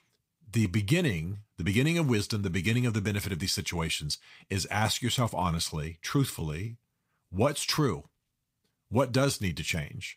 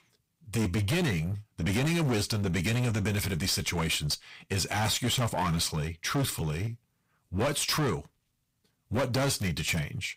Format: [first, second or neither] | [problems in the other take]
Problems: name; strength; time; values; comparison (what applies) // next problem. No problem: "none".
first | distortion; heavy; 17% of the sound clipped